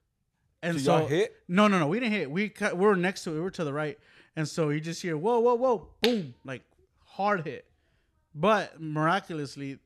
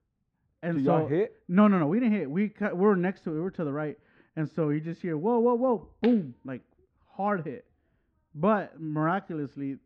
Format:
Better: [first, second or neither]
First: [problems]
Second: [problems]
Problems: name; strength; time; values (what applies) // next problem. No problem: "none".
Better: first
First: none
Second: muffled; very; fading above 1.5 kHz